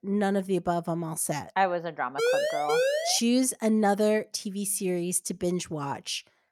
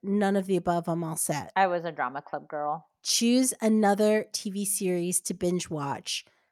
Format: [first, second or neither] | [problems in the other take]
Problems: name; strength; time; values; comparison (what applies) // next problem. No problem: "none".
second | siren; loud; from 2 to 3 s; peak 2 dB above the speech